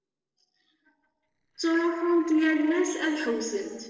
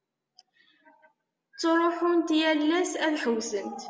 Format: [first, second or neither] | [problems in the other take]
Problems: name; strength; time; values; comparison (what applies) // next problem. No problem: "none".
second | noise reduction (neural separator model SepFormer DNS4)